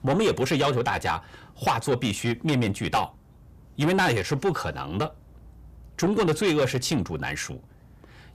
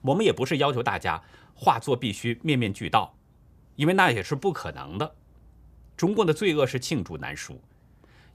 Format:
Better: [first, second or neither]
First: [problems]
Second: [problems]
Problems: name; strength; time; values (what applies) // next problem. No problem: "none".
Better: second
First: distortion; heavy; 7 dB below the speech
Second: none